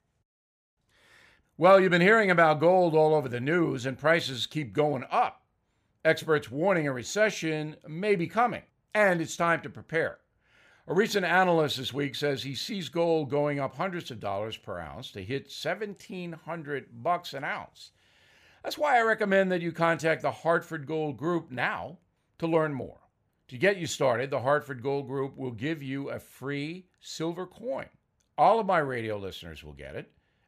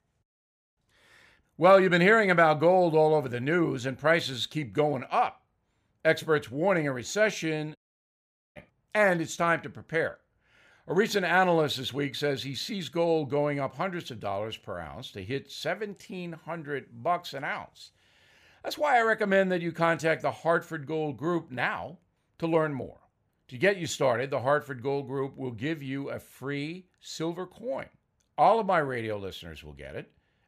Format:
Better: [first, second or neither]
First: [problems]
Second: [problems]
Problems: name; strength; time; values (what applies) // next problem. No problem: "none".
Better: first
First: none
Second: audio cutting out; at 8 s for 1 s